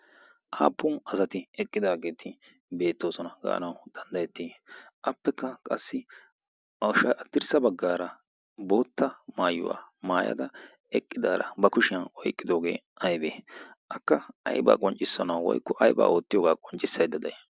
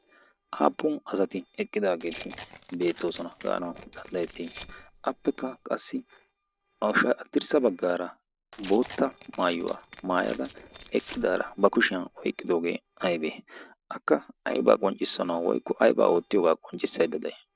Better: first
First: none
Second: noise reduction (neural separator model SepFormer DNS4)

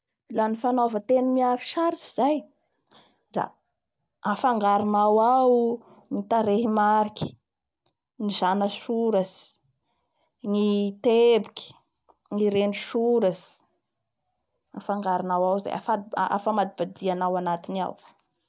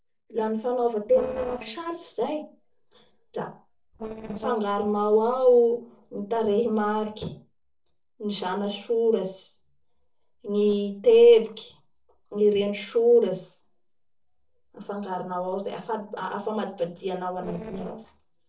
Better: first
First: none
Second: noise reduction (neural separator model SepFormer DNS4)

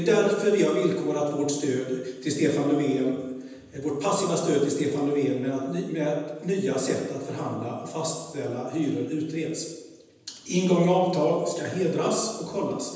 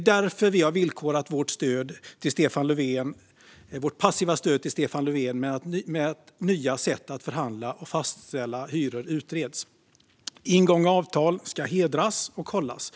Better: second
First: room echo; dies away in 1.1 s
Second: none

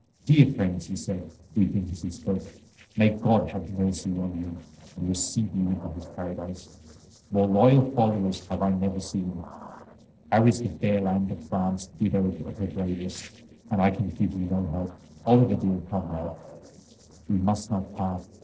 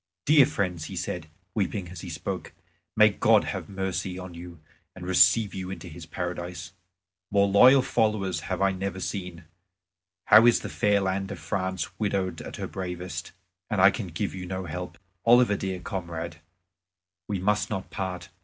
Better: second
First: noise reduction (neural separator model SepFormer DNS4)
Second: none

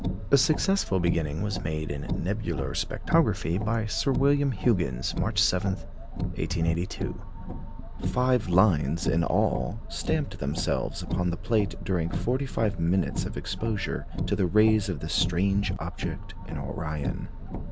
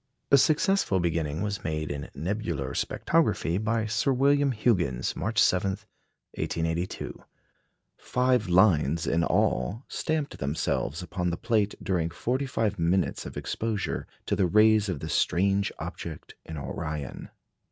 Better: second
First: background sound (Car); 5 dB below the speech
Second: none

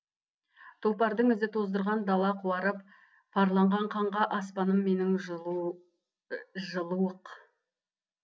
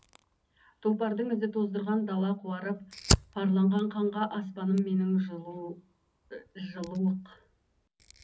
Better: first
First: none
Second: background sound (Fire); 7 dB below the speech // room echo; dies away in 0.4 s

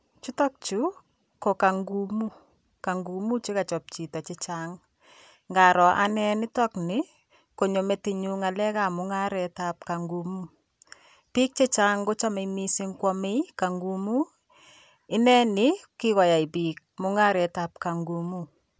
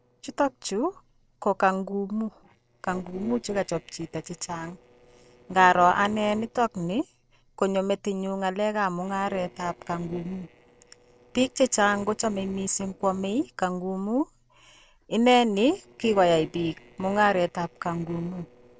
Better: first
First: none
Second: noise reduction (neural separator model SepFormer DNS4)

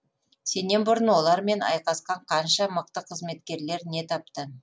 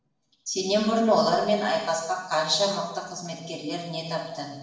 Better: first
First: none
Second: room echo; dies away in 0.9 s

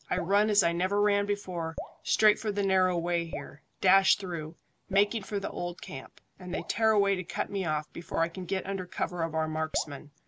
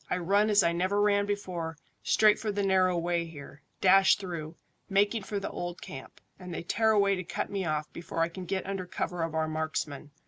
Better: second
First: background sound (Drip); 16 dB below the speech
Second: none

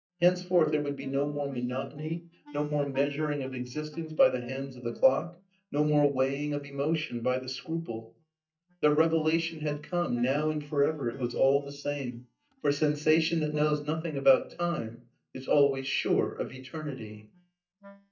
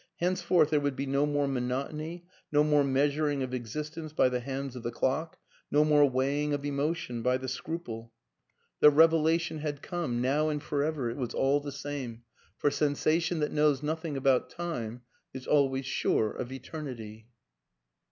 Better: second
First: noise reduction (neural mask model DeepFilterNet 3)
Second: none

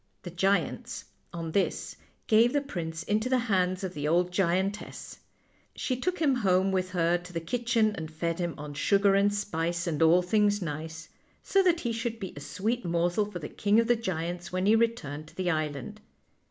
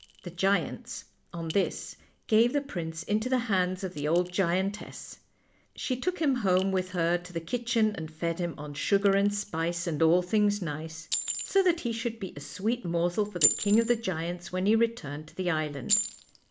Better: first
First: none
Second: background sound (Chink, clink); 11 dB below the speech

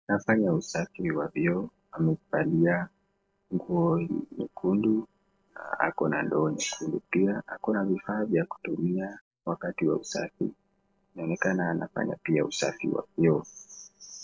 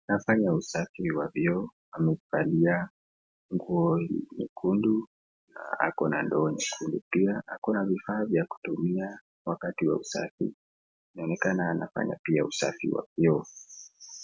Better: second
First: noise reduction (neural separator model SepFormer DNS4)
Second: none

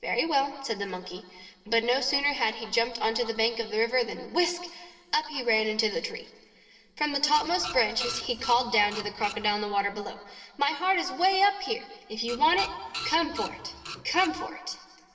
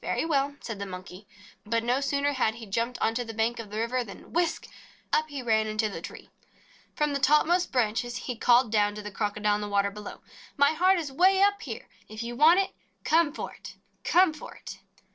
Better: second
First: background sound (Printer); 11 dB below the speech // room echo; dies away in 1.6 s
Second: none

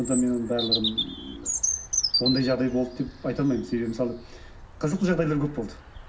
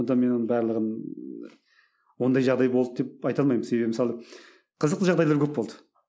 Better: second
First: background sound (Bird vocalization, bird call, bird song); 5 dB below the speech // room echo; dies away in 0.4 s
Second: none

